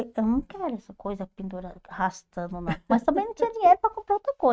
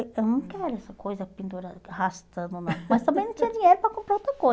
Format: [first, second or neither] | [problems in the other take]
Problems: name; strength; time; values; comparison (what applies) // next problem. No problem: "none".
second | noise reduction (neural mask model RNNoise)